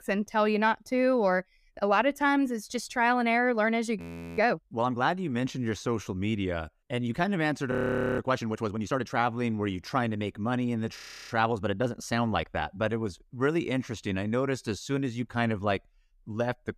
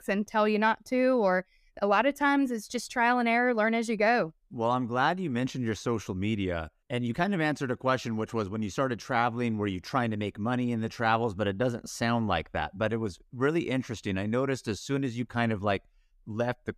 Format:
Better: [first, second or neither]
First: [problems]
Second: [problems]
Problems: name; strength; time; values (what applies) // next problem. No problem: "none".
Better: second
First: audio freezing; at 4 s, at 7.5 s and at 11 s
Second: none